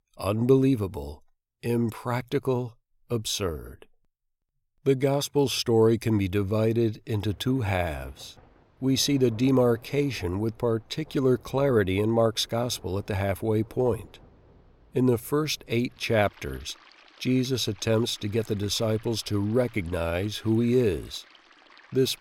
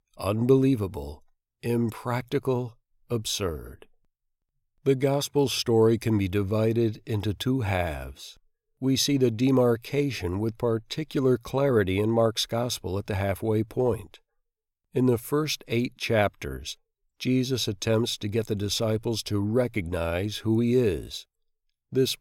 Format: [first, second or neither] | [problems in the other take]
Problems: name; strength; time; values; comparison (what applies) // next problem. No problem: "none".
second | rain or running water; faint; from 7.5 s on; 25 dB below the speech